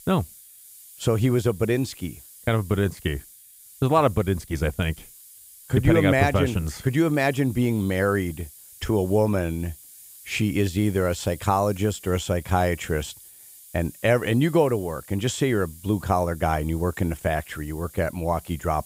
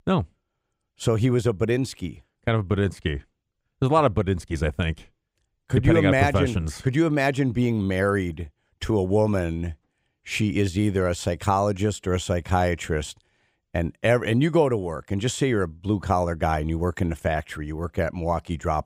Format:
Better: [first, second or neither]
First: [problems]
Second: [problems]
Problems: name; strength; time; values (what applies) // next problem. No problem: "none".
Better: second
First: hiss; faint; throughout; 20 dB below the speech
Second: none